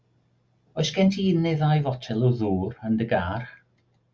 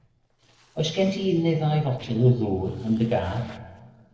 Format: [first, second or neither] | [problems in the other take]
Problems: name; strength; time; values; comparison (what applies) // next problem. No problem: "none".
first | noise reduction (neural separator model SepFormer DNS4)